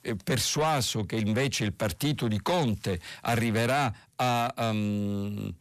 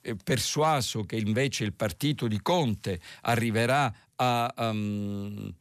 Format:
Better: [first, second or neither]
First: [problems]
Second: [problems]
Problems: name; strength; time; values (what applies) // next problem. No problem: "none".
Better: second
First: distortion; slight; 10 dB below the speech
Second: none